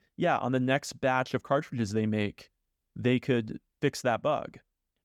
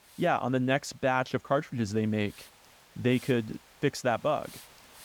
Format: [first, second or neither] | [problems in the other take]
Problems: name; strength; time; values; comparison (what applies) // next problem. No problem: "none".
first | hiss; faint; throughout; 25 dB below the speech